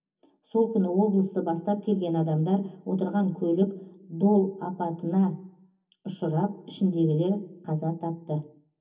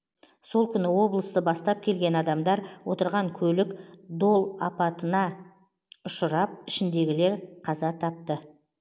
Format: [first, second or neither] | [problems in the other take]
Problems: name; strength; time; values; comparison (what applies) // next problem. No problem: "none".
second | room echo; dies away in 0.3 s